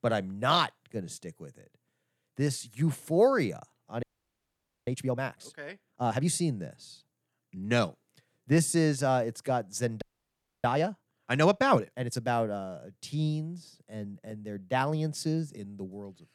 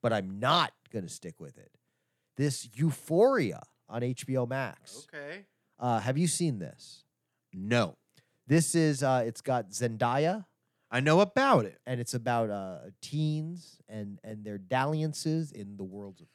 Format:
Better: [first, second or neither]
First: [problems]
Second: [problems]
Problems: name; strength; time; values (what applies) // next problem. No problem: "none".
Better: second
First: audio freezing; at 4 s for 1 s and at 10 s for 0.5 s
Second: none